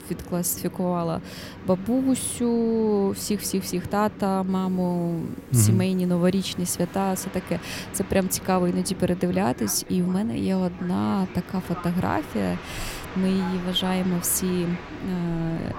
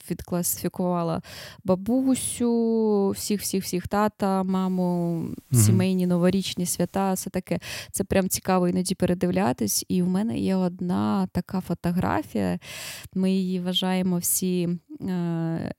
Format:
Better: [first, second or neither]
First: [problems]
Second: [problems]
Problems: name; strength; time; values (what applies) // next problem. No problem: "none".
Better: second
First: train or aircraft noise; noticeable; throughout; 15 dB below the speech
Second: none